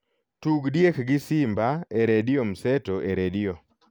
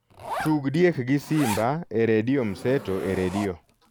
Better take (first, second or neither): first